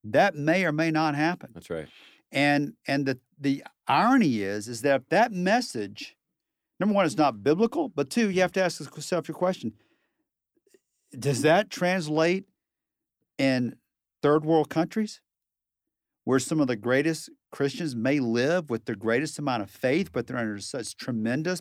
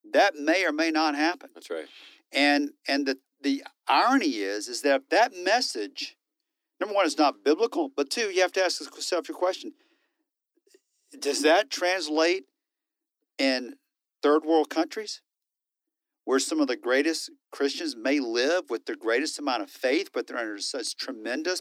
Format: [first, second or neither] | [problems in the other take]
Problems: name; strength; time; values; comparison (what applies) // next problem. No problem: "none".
first | thin; very slightly; fading below 250 Hz